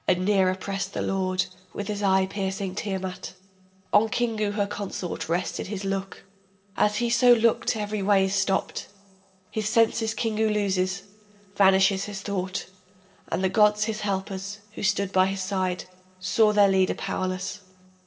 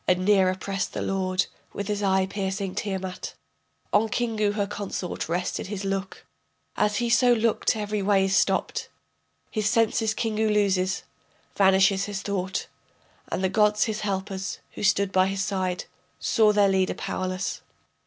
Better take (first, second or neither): second